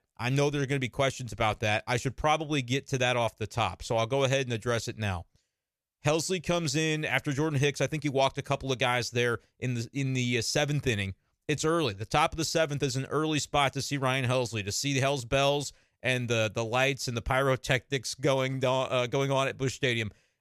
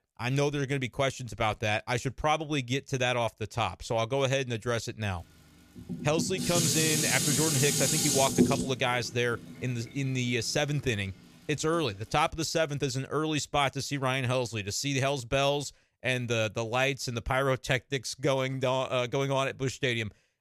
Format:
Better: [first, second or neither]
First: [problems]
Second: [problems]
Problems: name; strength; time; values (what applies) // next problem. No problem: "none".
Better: first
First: none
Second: clattering dishes; loud; from 6 to 8.5 s; peak 5 dB above the speech